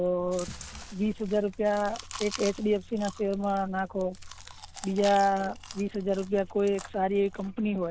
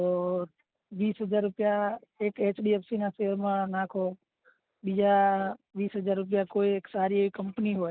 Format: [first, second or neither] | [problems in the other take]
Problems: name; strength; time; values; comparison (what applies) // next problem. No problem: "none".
second | background sound (Chewing, mastication); 15 dB below the speech